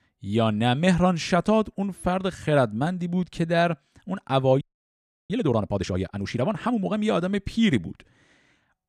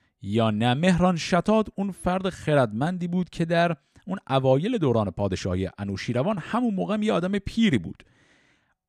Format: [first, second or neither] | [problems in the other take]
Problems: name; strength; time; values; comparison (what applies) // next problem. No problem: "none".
second | audio freezing; at 4.5 s for 0.5 s